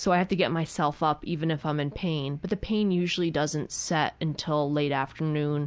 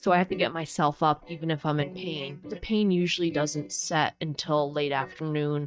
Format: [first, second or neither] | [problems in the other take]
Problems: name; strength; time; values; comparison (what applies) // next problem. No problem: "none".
first | noise reduction (neural mask model DeepFilterNet 3)